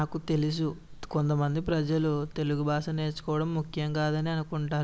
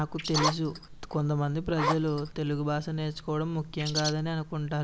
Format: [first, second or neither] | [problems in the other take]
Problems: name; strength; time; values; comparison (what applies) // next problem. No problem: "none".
first | background sound (Bird + Zipper (clothing)); 2 dB below the speech